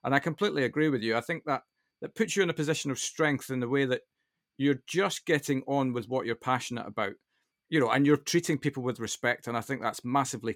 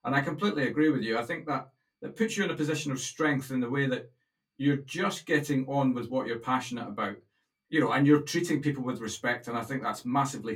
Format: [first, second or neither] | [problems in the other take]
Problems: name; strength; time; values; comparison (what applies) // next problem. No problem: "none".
first | off-mic speech; far // room echo; very slight; dies away in 0.2 s